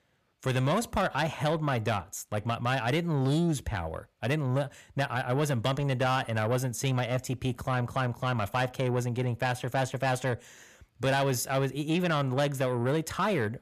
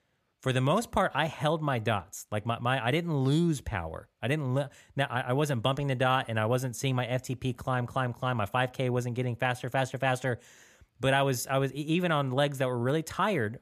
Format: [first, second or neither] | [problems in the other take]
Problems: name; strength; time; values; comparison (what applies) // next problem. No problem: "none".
second | distortion; slight; 10 dB below the speech